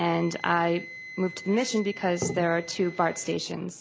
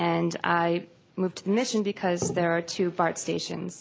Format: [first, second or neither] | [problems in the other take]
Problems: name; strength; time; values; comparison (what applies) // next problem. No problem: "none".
second | background sound (Wind instrument, woodwind instrument); 17 dB below the speech